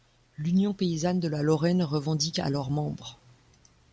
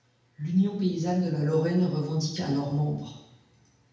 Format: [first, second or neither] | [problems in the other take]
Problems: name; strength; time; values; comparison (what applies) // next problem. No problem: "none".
first | room echo; dies away in 0.8 s